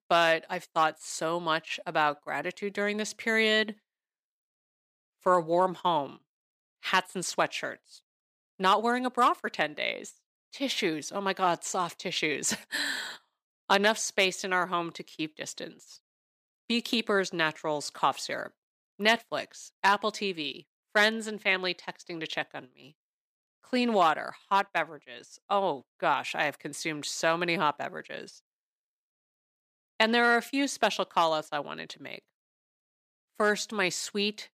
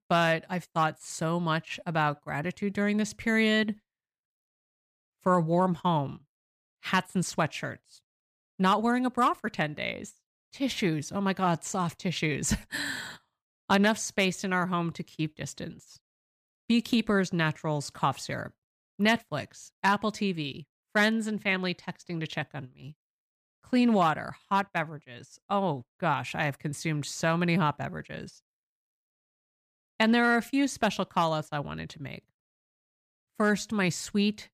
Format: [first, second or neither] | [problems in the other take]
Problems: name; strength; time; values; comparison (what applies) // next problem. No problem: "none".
second | thin; somewhat; fading below 400 Hz